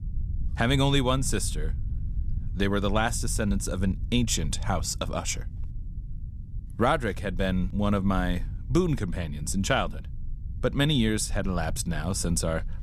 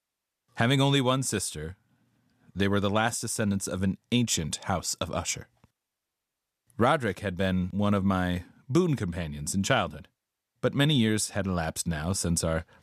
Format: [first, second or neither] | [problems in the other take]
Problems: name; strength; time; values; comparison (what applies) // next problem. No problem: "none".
second | low rumble; faint; throughout; 25 dB below the speech